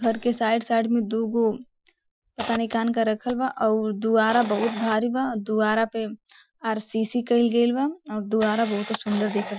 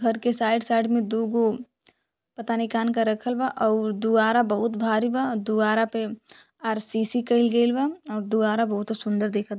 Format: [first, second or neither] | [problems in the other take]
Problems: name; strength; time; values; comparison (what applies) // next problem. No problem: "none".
second | noise reduction (classical method Wiener filter)